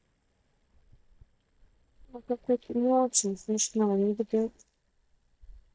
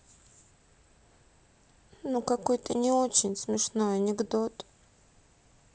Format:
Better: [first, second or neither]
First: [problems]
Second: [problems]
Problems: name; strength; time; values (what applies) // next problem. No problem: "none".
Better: second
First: noise reduction (neural mask model DeepFilterNet 3)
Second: none